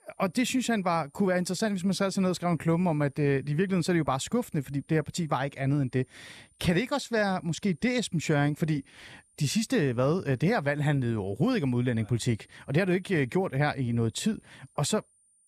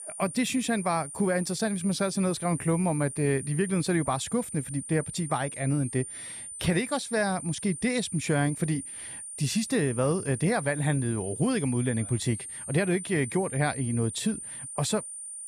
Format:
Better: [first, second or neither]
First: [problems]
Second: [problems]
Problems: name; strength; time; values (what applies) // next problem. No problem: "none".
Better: first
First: high-pitched whine; faint; throughout; 9 kHz, 35 dB below the speech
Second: high-pitched whine; loud; throughout; 9 kHz, 9 dB below the speech